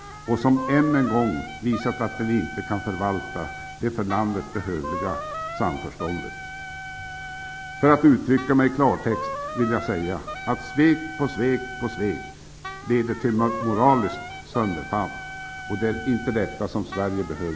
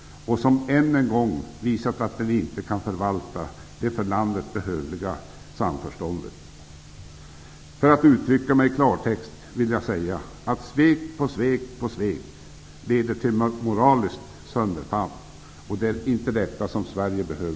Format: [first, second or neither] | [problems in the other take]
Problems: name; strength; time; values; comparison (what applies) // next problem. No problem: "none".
second | background sound (Wind instrument, woodwind instrument); 11 dB below the speech